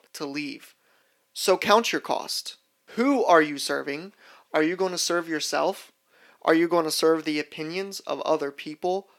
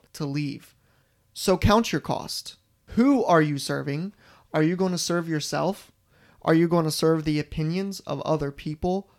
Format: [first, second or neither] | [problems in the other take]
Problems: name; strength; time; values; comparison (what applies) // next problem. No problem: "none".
second | thin; somewhat; fading below 300 Hz